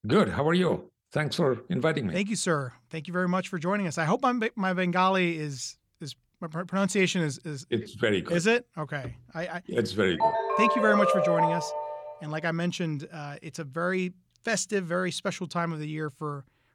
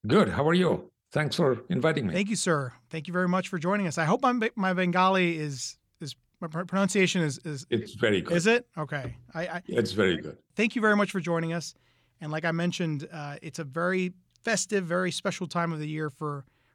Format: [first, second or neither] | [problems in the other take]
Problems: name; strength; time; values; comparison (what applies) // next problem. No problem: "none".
second | phone ringing; loud; from 10 to 12 s; peak 4 dB above the speech